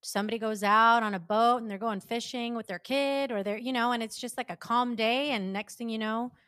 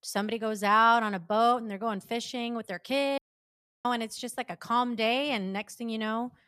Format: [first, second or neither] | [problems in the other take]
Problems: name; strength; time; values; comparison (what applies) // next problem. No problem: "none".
first | audio cutting out; at 3 s for 0.5 s